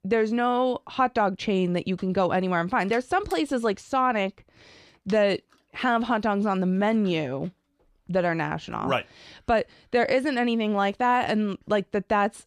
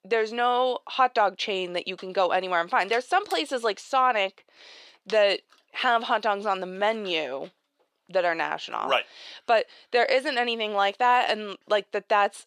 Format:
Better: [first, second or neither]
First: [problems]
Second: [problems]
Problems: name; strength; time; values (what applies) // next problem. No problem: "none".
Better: first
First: none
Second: thin; very; fading below 550 Hz